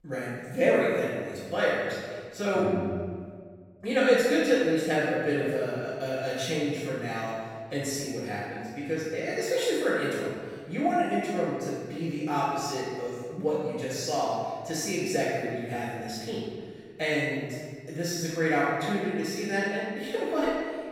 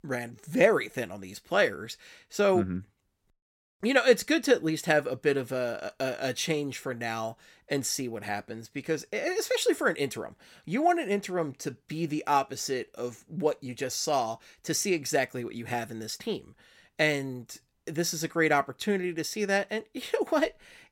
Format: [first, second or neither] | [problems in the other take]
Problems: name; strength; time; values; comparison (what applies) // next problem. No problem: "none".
second | room echo; strong; dies away in 1.6 s // off-mic speech; far